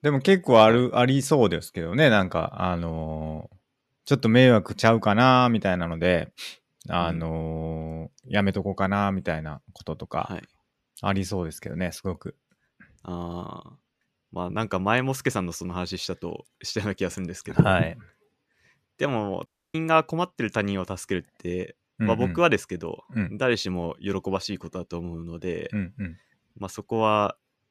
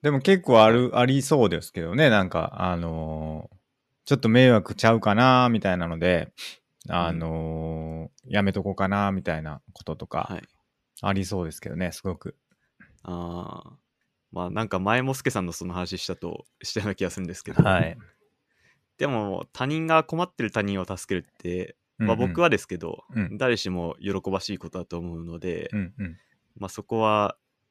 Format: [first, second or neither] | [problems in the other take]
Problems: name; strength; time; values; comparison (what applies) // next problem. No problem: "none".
second | audio cutting out; at 19 s